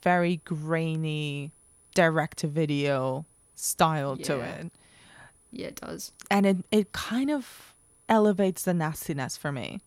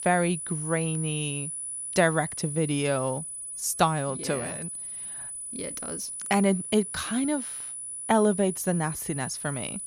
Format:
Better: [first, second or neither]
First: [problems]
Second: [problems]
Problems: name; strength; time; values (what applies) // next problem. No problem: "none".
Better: first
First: high-pitched whine; faint; throughout; 10 kHz, 30 dB below the speech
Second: high-pitched whine; loud; throughout; 10 kHz, 6 dB below the speech